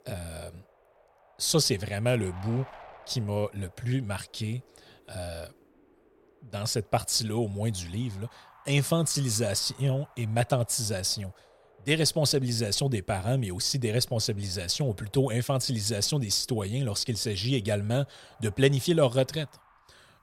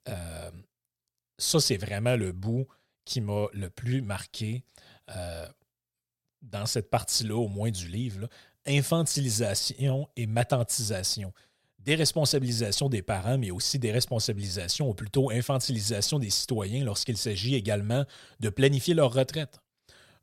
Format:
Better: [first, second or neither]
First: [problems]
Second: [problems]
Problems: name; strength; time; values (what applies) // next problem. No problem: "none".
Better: second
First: wind noise on the microphone; occasional gusts; 25 dB below the speech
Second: none